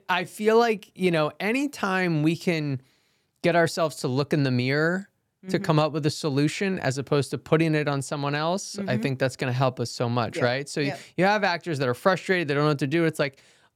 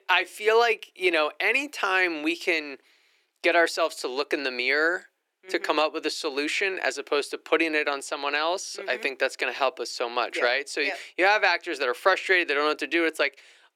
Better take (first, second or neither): first